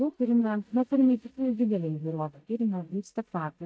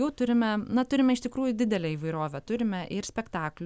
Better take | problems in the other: second | noise reduction (neural mask model DeepFilterNet 3)

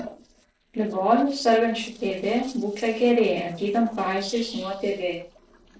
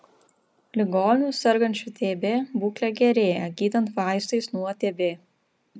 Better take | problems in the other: second | noise reduction (neural separator model SepFormer DNS4)

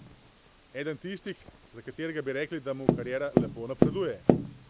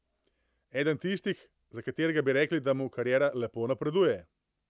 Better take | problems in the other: second | background sound (Tap); 5 dB above the speech

